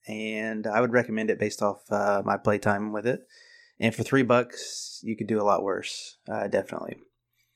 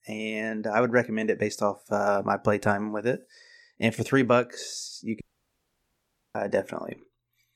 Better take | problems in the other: first | audio cutting out; at 5 s for 1 s

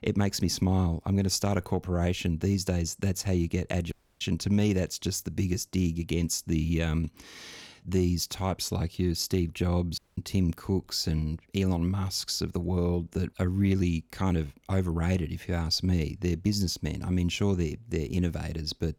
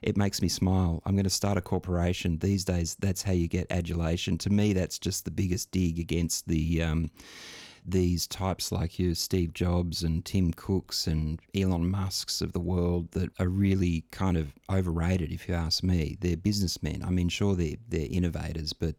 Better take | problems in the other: second | audio cutting out; at 4 s and at 10 s

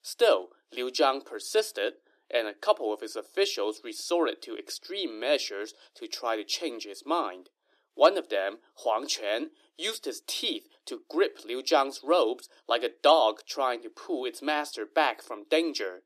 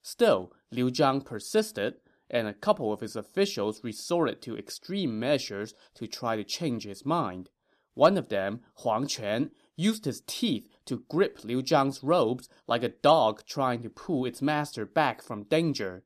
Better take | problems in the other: second | thin; somewhat; fading below 300 Hz

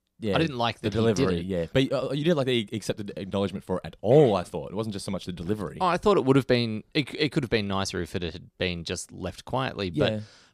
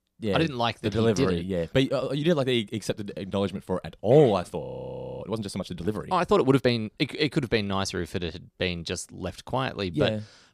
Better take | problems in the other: first | audio freezing; at 4.5 s for 0.5 s

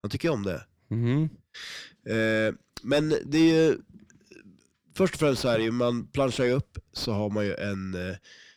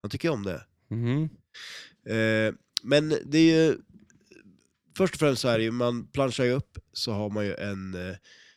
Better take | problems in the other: second | distortion; slight; 10 dB below the speech

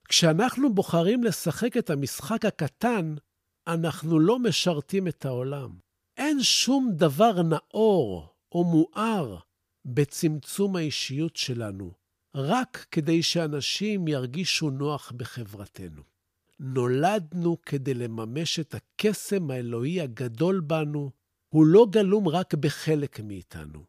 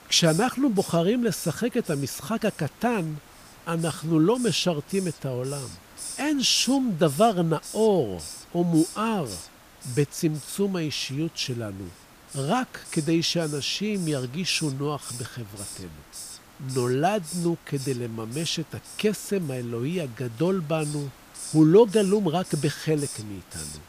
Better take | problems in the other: first | hiss; noticeable; throughout; 15 dB below the speech

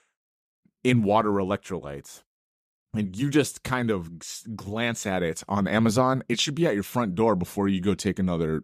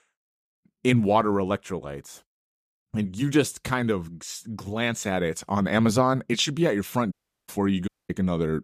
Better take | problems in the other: first | audio cutting out; at 7 s and at 8 s

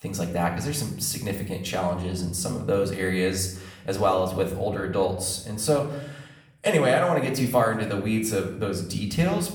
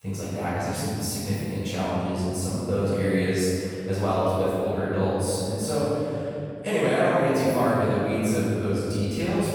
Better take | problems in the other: first | room echo; strong; dies away in 2.9 s; slight in the first // off-mic speech; far; far in the first

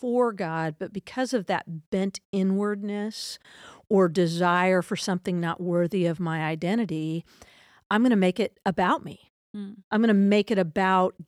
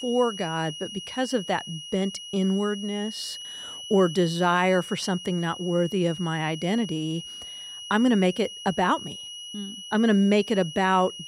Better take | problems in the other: first | high-pitched whine; noticeable; throughout; 3 kHz, 10 dB below the speech

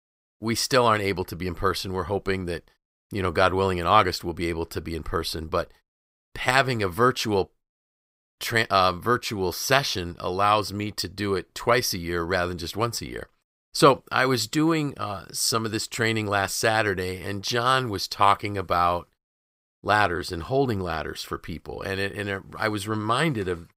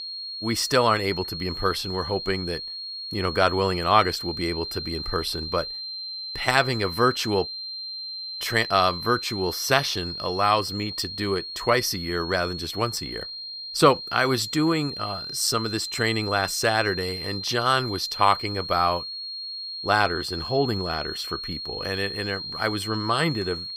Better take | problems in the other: first | high-pitched whine; loud; throughout; 4.5 kHz, 7 dB below the speech

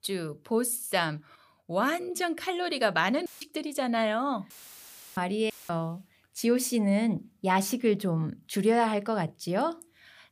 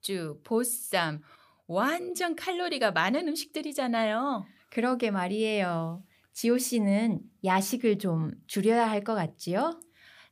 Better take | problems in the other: second | audio cutting out; filled with static; at 3.5 s, at 4.5 s for 0.5 s and at 5.5 s

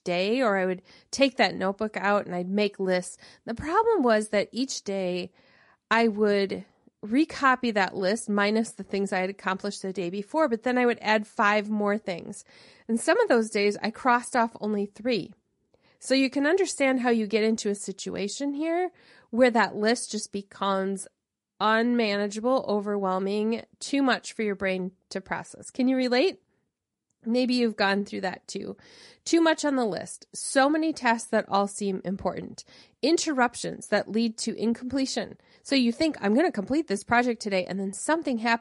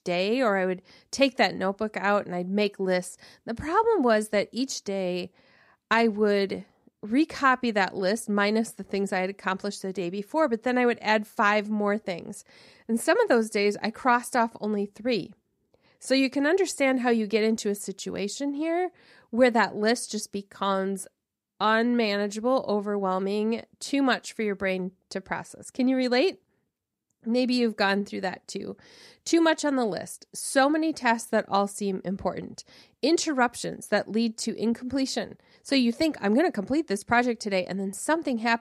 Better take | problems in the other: second | garbled, watery; slightly; nothing above 11 kHz

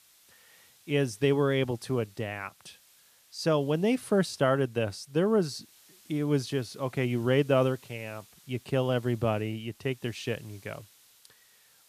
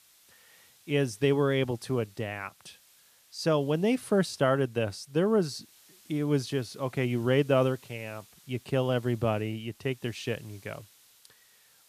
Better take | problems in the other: neither | hiss; faint; throughout; 25 dB below the speech; the same in both

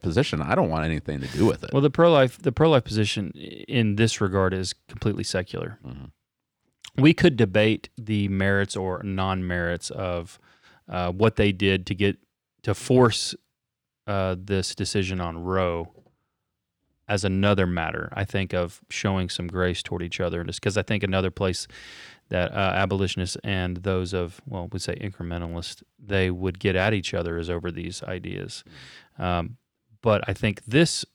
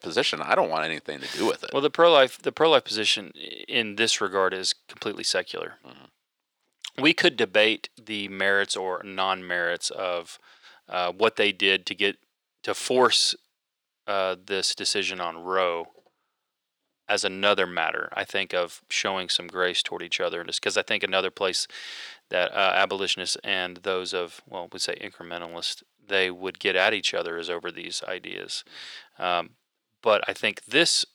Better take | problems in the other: first | thin; very; fading below 500 Hz

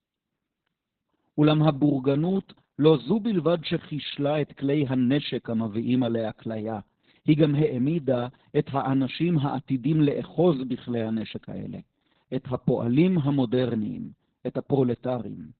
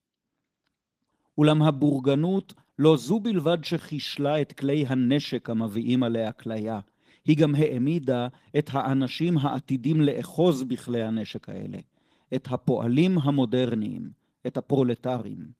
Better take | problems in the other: second | garbled, watery; badly; nothing above 4 kHz; slightly in the second

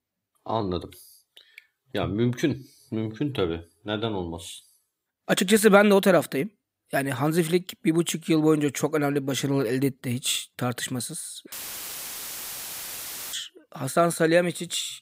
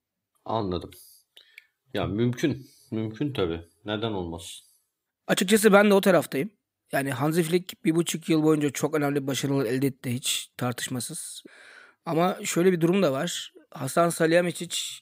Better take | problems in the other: second | audio cutting out; filled with static; at 12 s for 2 s

